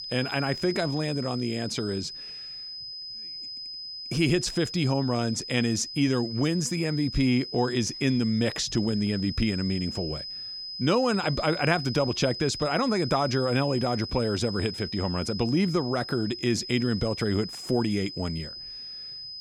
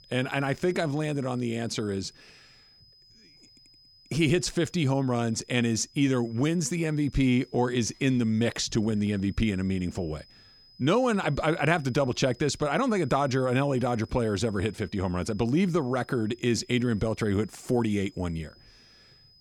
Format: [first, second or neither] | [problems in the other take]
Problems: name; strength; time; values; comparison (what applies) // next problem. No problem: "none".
second | high-pitched whine; loud; throughout; 5 kHz, 8 dB below the speech; faint in the second